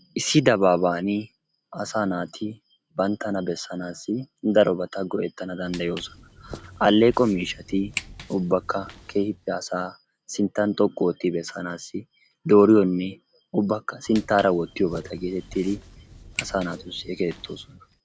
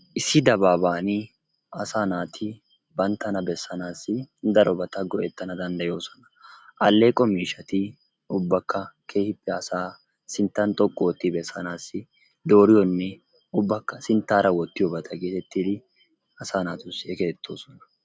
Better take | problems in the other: second | background sound (Walk, footsteps); 17 dB below the speech

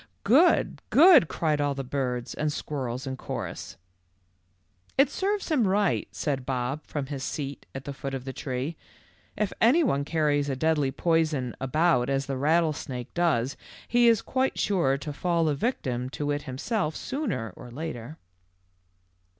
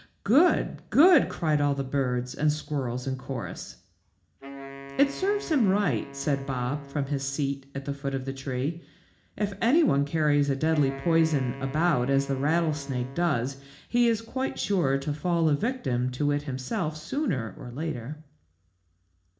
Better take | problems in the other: first | background sound (Wind instrument, woodwind instrument); 16 dB below the speech // room echo; dies away in 0.4 s

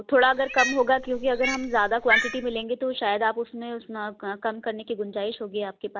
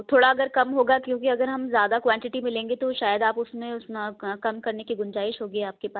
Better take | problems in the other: second | background sound (Cat); 4 dB below the speech

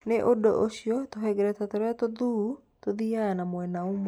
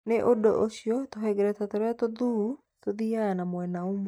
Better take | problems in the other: first | noise reduction (neural mask model DeepFilterNet 3)

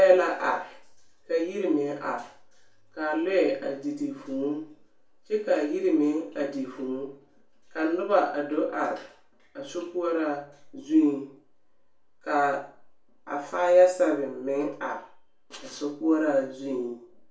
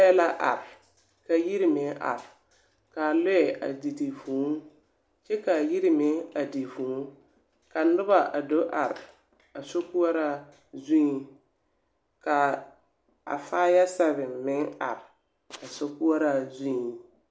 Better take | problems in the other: second | room echo; dies away in 0.3 s

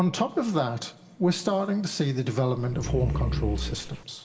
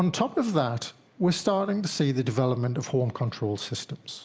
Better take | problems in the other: second | background sound (Growling); 2 dB below the speech // room echo; dies away in 1.1 s

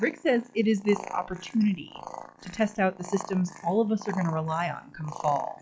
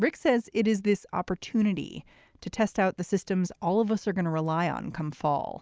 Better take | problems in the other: second | noise reduction (classical method log-MMSE)

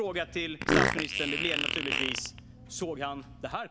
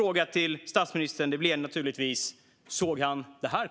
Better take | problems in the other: second | background sound (Fart); 3 dB above the speech

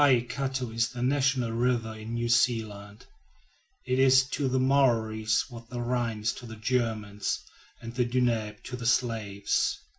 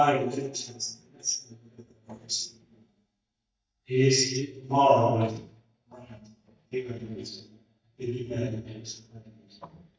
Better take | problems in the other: first | noise reduction (neural mask model DeepFilterNet 3)

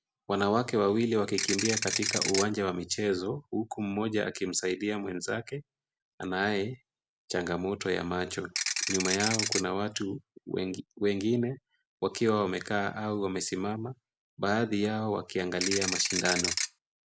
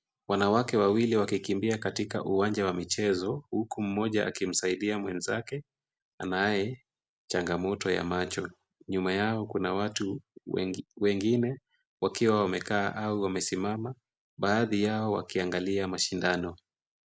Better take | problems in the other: second | background sound (Ratchet, pawl / Percussion); as loud as the speech

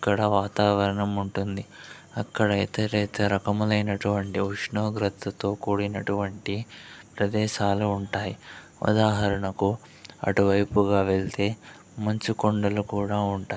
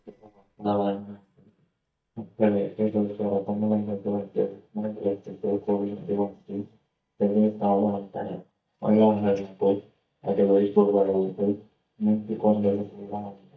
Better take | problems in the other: first | noise reduction (neural mask model DeepFilterNet 3)

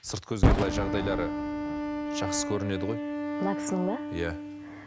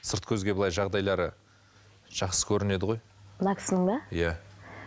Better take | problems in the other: second | background sound (Boom + Wind instrument, woodwind instrument); 3 dB above the speech

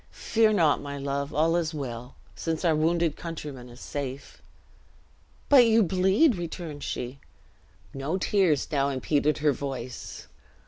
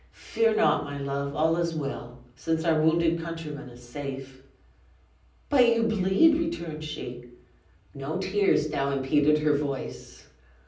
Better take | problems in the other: first | room echo; dies away in 0.6 s

